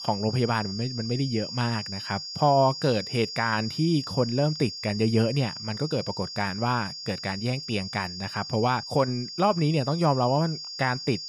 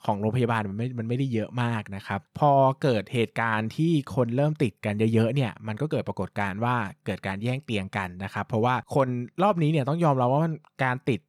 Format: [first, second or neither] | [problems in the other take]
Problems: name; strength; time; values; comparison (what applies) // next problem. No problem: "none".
second | high-pitched whine; loud; throughout; 5 kHz, 8 dB below the speech